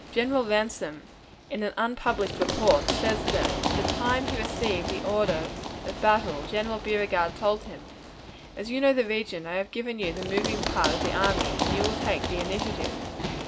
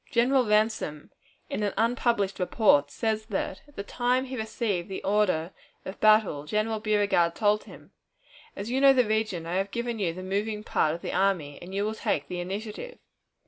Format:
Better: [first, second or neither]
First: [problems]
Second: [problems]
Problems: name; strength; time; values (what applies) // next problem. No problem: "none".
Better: second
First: background sound (Run); 3 dB below the speech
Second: none